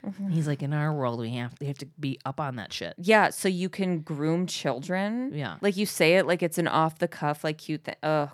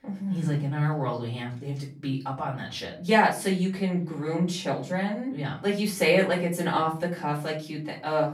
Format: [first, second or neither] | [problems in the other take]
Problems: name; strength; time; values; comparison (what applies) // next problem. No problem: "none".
first | off-mic speech; far // room echo; slight; dies away in 0.3 s